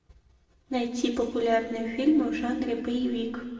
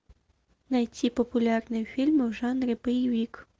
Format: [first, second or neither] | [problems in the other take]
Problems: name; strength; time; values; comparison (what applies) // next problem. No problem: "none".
second | room echo; dies away in 1.7 s